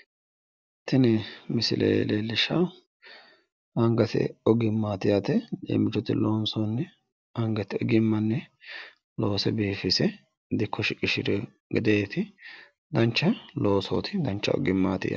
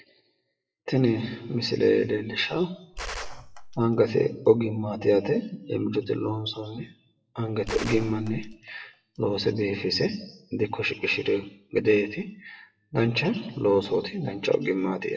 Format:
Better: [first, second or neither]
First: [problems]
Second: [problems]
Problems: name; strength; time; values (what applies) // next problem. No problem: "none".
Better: first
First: none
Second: noise reduction (classical method WPE with log-MMSE)